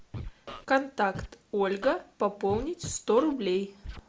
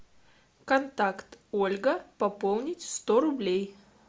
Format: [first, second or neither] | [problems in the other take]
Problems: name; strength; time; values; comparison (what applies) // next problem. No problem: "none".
second | background sound (Scratching (performance technique)); 14 dB below the speech